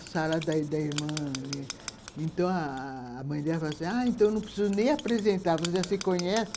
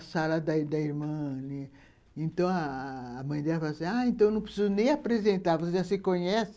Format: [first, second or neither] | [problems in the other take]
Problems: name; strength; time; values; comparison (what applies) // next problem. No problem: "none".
second | background sound (Writing); 14 dB below the speech